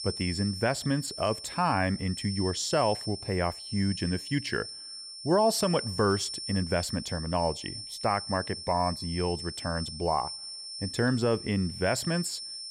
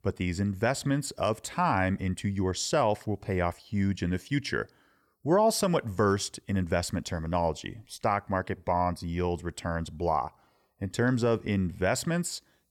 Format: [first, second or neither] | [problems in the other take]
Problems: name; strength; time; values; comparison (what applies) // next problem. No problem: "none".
second | high-pitched whine; loud; throughout; 5.5 kHz, 7 dB below the speech